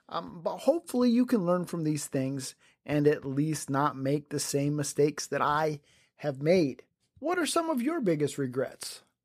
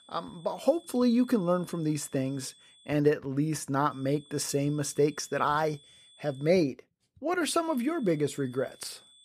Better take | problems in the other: first | high-pitched whine; faint; until 3 s, from 4 to 6.5 s and from 7.5 s on; 3.5 kHz, 25 dB below the speech

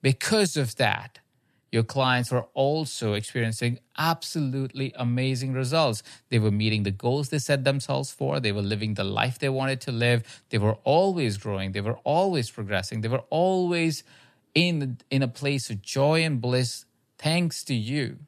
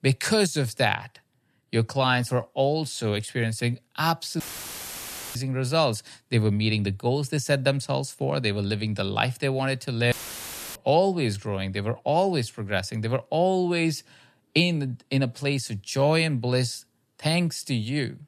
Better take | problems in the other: first | audio cutting out; filled with static; at 4.5 s for 1 s and at 10 s for 0.5 s

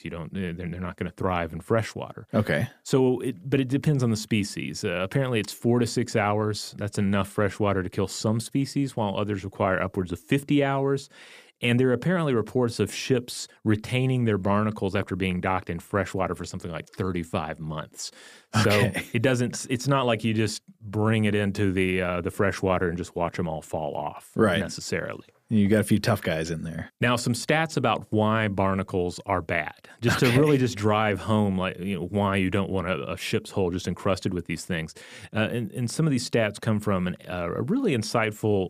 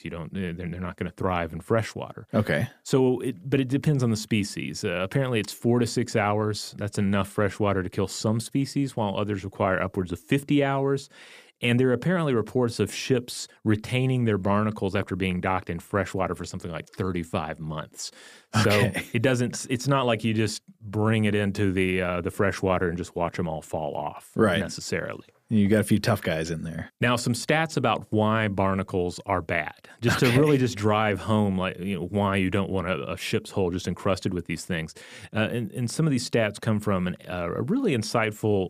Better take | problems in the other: neither | none

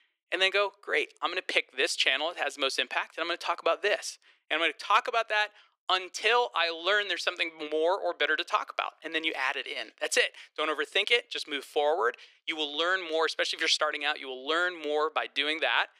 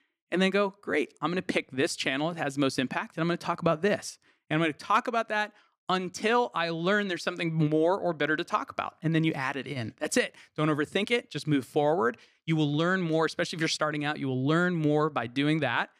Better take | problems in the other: second | thin; very; fading below 400 Hz

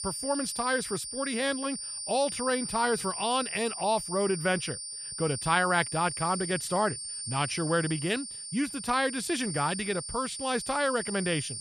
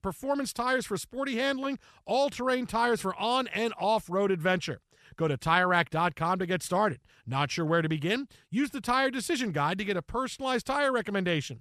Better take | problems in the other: second | high-pitched whine; loud; throughout; 9 kHz, 5 dB below the speech

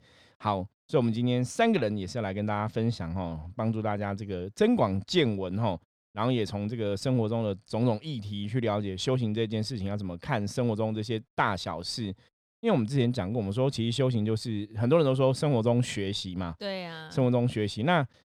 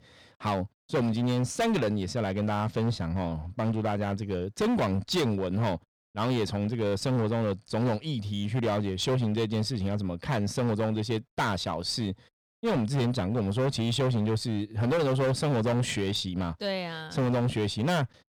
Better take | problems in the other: first | distortion; heavy; 15% of the sound clipped

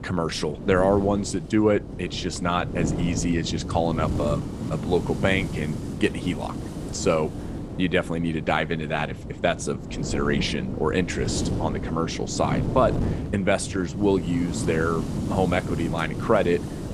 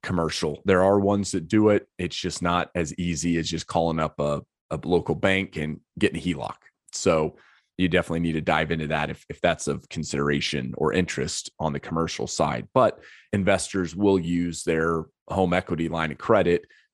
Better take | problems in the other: second | wind noise on the microphone; occasional gusts; 10 dB below the speech

